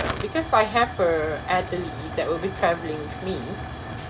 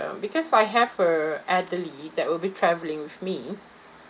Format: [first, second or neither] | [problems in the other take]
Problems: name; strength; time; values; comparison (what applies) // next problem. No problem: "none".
second | background sound (Tick / Hiss / Explosion / Fire); 8 dB below the speech